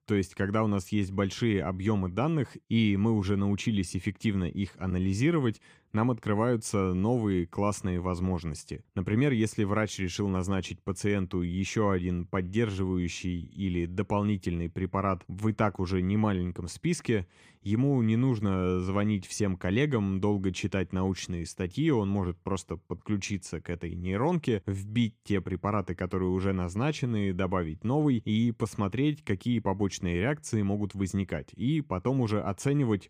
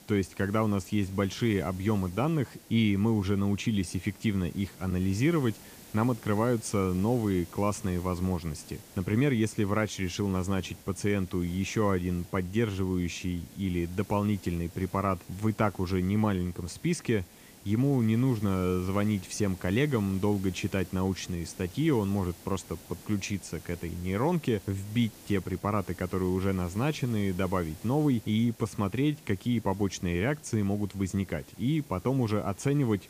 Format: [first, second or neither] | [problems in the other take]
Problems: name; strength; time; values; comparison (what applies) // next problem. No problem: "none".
first | hiss; faint; throughout; 20 dB below the speech